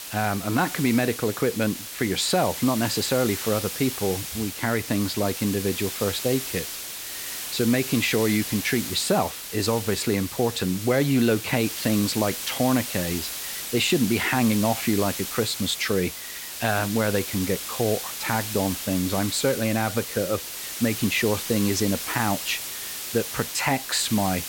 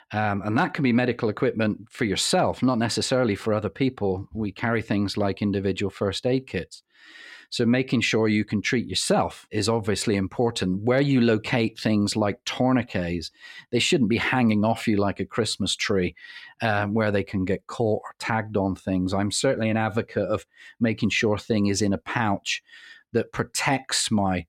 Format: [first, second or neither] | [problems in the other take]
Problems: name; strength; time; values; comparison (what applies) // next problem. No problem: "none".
second | hiss; loud; throughout; 6 dB below the speech